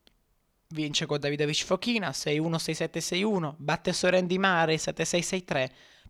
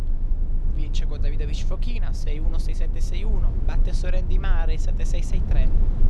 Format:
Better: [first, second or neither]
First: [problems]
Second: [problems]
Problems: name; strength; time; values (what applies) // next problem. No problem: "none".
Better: first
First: none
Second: low rumble; loud; throughout; 5 dB below the speech